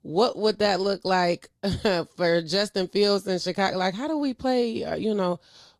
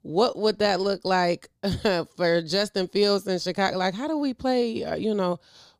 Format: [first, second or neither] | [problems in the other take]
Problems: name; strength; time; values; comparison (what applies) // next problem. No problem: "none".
second | garbled, watery; slightly; nothing above 12.5 kHz